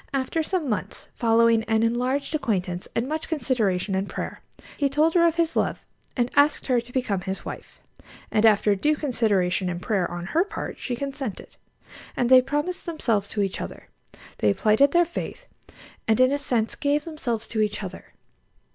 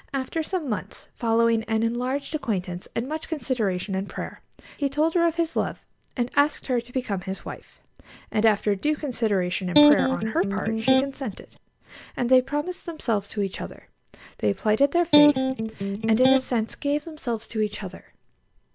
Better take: first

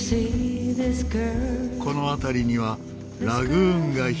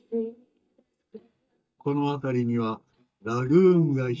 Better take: first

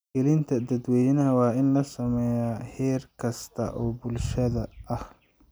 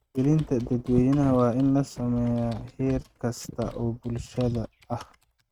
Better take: first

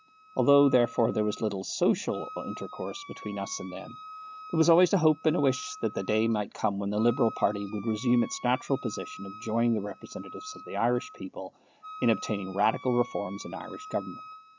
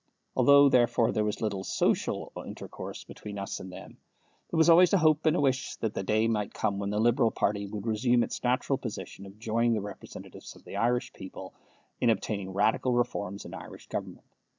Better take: second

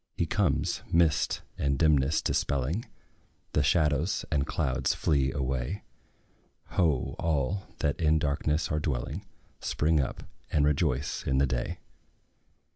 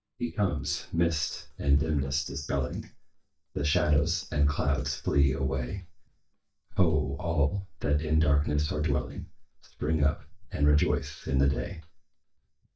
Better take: first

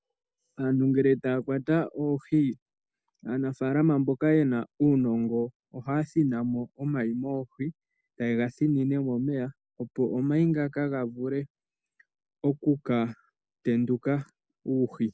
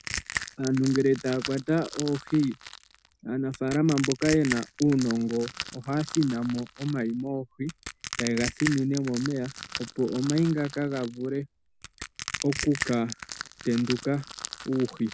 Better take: first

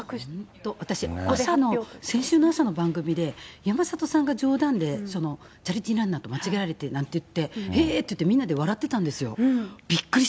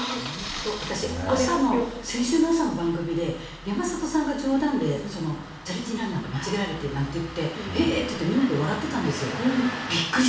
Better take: first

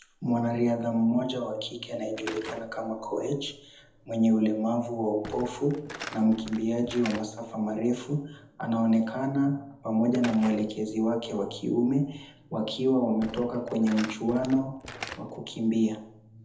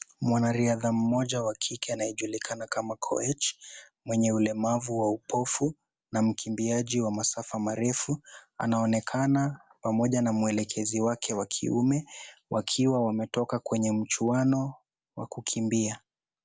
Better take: second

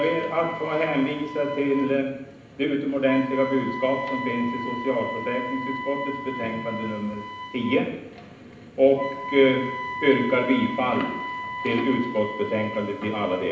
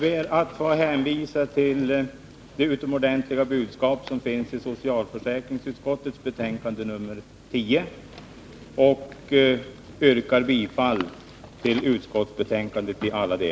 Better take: second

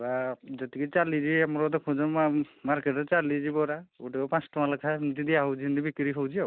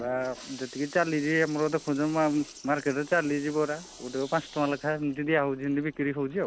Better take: first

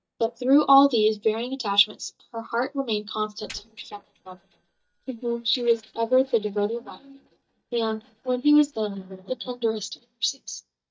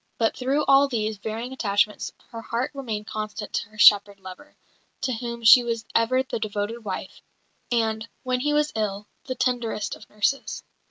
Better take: second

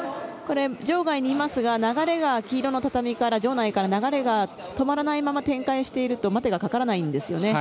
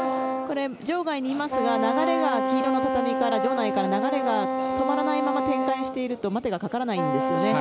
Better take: first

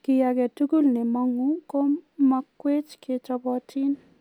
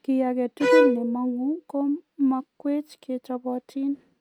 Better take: first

